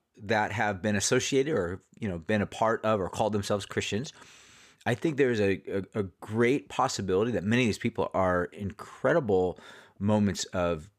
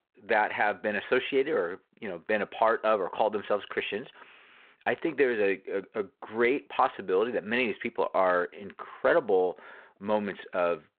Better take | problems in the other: first | phone-call audio

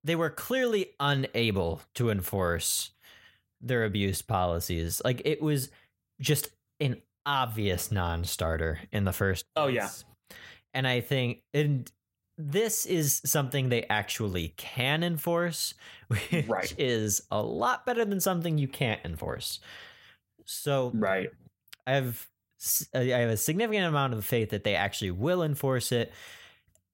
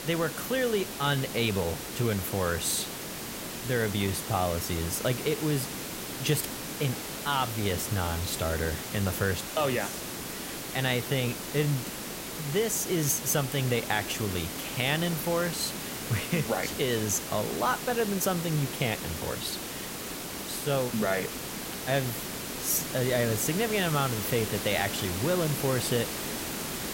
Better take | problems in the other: first | hiss; loud; throughout; 5 dB below the speech

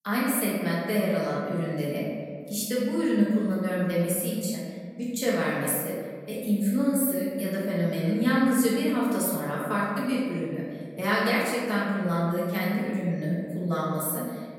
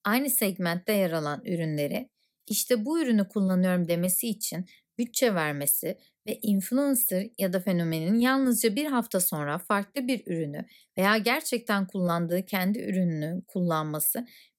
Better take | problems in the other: second | room echo; noticeable; dies away in 1.7 s // off-mic speech; far

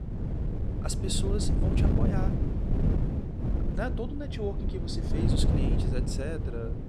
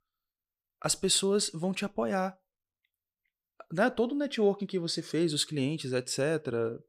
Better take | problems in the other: second | wind noise on the microphone; heavy; 1 dB below the speech

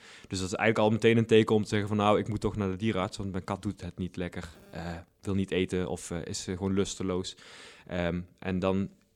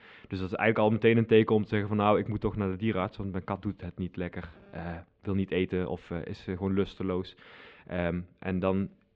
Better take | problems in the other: first | muffled; very; fading above 3 kHz

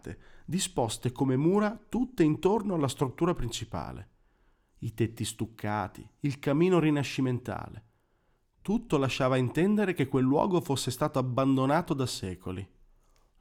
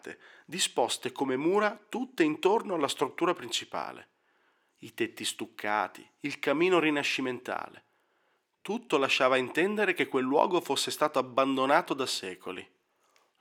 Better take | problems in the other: first | thin; somewhat; fading below 400 Hz

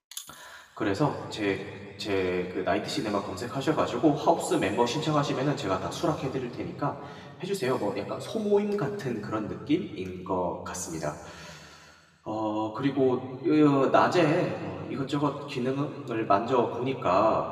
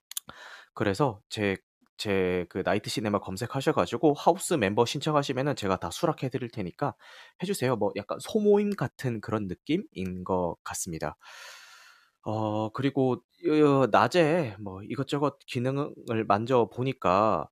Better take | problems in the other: second | room echo; noticeable; dies away in 2 s // off-mic speech; far

